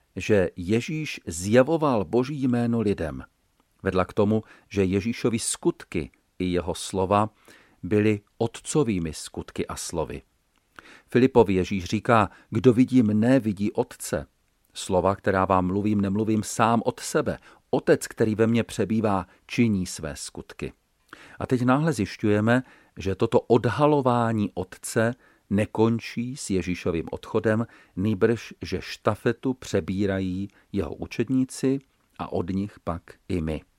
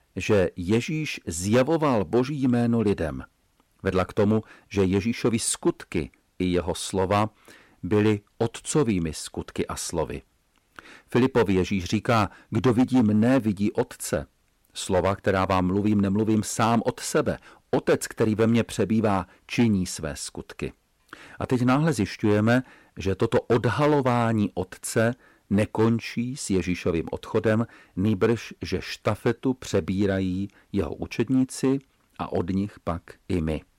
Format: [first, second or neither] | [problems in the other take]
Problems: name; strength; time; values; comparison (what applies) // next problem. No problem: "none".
first | distortion; slight; 4% of the sound clipped